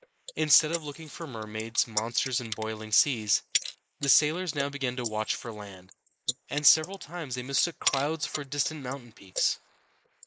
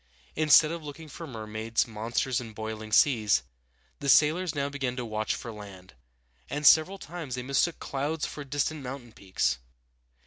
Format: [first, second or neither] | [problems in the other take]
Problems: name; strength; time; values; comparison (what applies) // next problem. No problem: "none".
second | noise reduction (neural mask model Resemble Enhance denoiser)